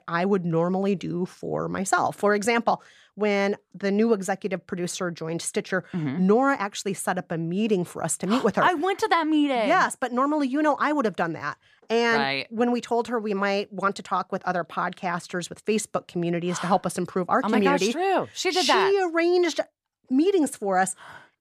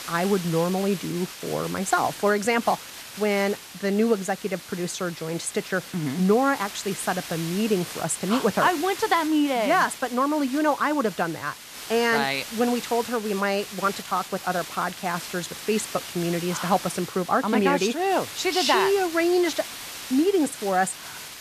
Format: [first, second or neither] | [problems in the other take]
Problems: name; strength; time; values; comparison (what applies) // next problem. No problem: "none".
first | hiss; noticeable; throughout; 10 dB below the speech